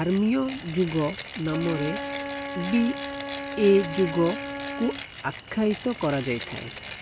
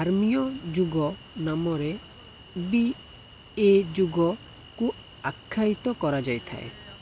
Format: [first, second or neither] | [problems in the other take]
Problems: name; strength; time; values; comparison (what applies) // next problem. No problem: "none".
second | background sound (Mechanisms + Wind instrument, woodwind instrument); 9 dB below the speech